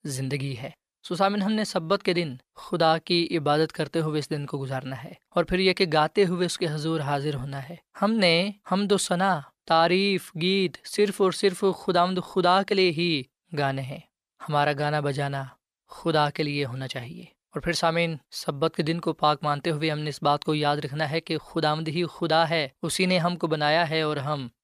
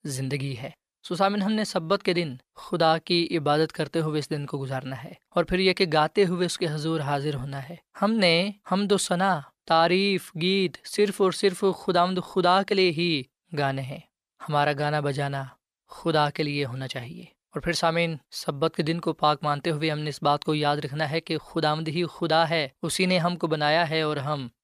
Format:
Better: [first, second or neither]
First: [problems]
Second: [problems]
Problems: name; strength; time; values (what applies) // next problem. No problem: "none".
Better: neither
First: none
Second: none